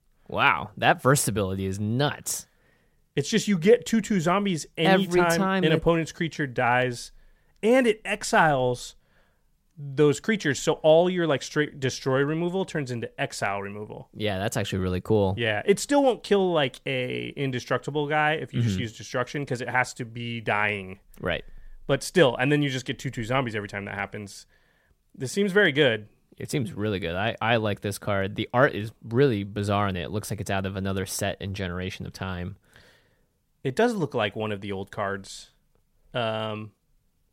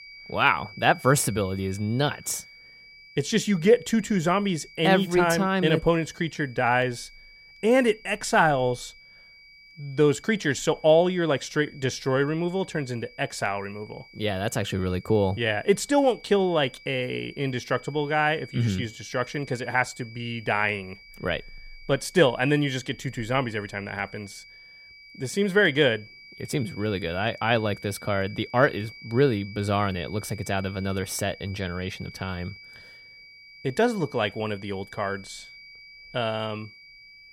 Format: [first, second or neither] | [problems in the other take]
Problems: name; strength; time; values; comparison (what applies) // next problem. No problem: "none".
first | high-pitched whine; faint; throughout; 2.5 kHz, 20 dB below the speech